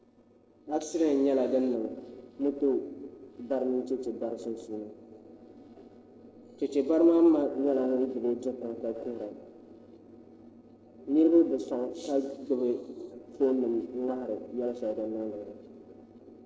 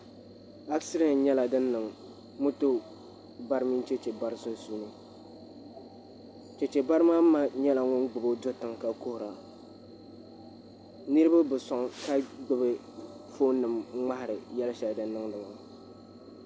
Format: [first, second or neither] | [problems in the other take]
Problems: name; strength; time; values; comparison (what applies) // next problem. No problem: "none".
second | noise reduction (neural separator model SepFormer DNS4)